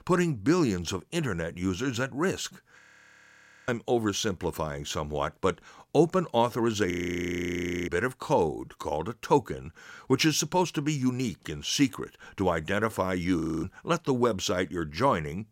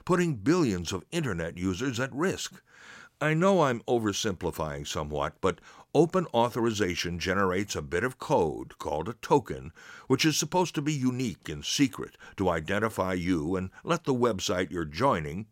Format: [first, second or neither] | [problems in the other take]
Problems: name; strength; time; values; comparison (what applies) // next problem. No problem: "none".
second | audio freezing; at 3 s for 1 s, at 7 s for 1 s and at 13 s